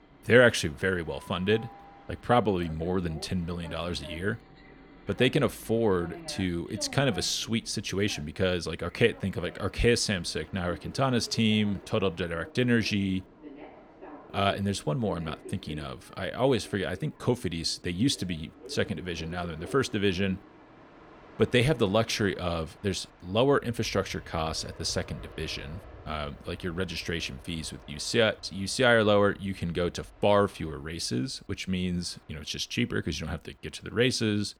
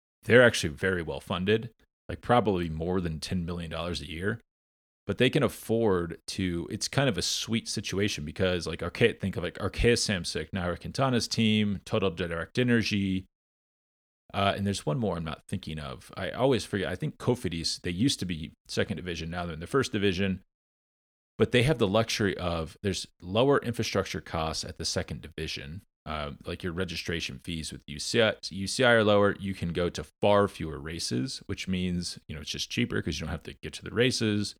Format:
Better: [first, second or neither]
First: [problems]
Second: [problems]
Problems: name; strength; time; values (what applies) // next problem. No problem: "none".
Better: second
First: train or aircraft noise; faint; throughout; 20 dB below the speech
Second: none